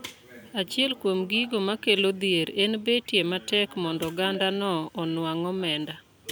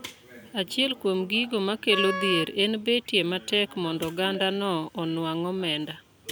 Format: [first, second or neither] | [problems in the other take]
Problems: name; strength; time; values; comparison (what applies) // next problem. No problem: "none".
first | background sound (Wind instrument, woodwind instrument); 7 dB below the speech